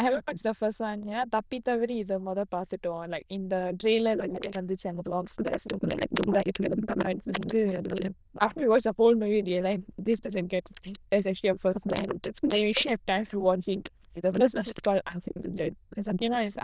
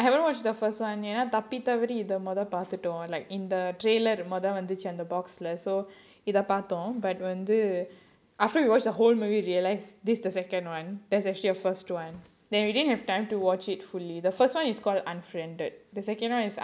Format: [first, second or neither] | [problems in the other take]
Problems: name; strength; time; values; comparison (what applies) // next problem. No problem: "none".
second | noise reduction (neural diffusion model UNIVERSE++)